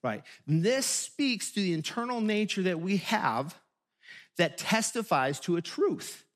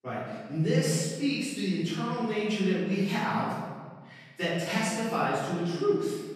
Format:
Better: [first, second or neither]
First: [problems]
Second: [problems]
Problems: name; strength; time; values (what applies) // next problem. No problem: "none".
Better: first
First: none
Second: room echo; strong; dies away in 1.5 s // off-mic speech; far